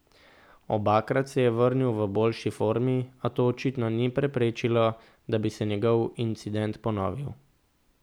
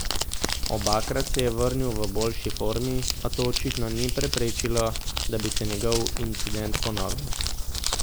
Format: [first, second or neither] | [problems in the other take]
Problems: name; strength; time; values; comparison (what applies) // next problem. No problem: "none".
first | background sound (Crumpling, crinkling); 1 dB above the speech